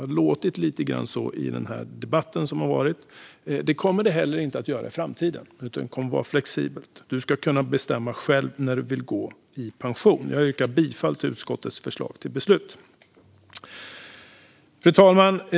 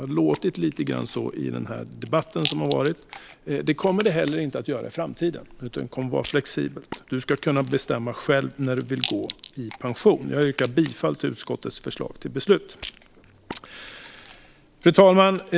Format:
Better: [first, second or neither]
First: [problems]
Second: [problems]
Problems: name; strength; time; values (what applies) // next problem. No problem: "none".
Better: first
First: none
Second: background sound (Rattle); 17 dB below the speech